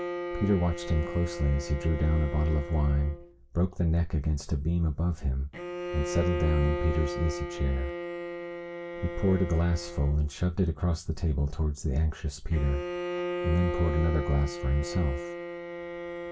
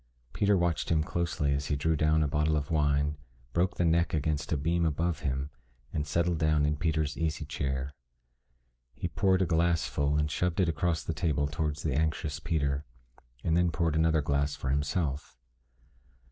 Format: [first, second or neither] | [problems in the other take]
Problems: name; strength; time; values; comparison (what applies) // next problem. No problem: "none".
second | background sound (Bowed string instrument); 8 dB below the speech // room echo; dies away in 0.2 s